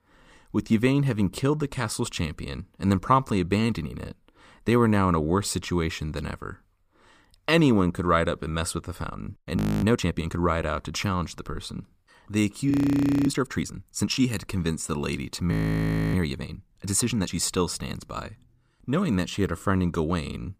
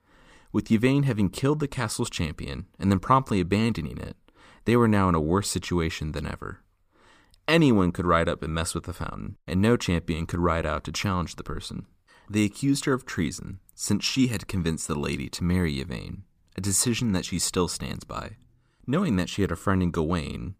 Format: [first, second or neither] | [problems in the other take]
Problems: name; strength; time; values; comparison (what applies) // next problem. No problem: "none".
second | audio freezing; at 9.5 s, at 13 s for 0.5 s and at 16 s for 0.5 s